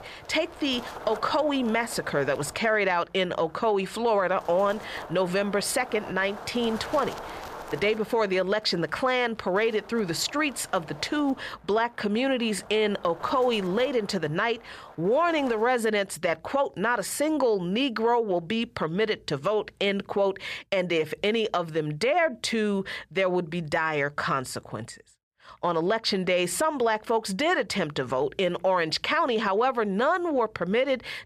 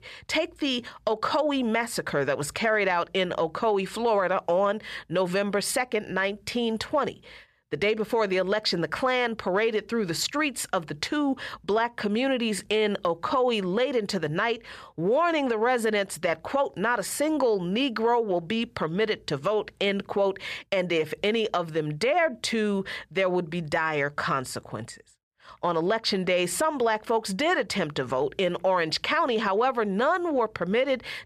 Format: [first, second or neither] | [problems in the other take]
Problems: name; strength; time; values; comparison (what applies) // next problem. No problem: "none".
second | wind noise on the microphone; occasional gusts; until 16 s; 15 dB below the speech